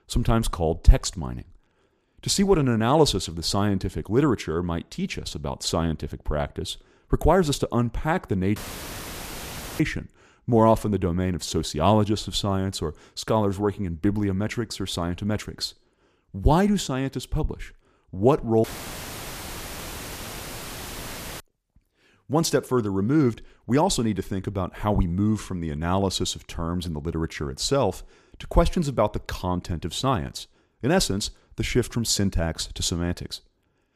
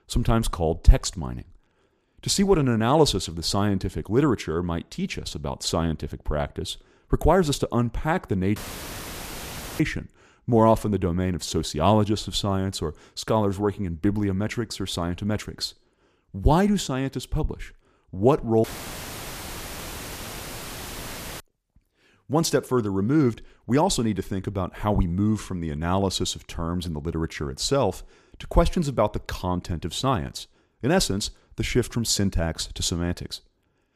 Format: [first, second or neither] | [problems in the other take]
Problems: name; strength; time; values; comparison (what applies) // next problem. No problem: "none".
neither | audio cutting out; filled with static; at 8.5 s for 1 s and at 19 s for 3 s; the same in both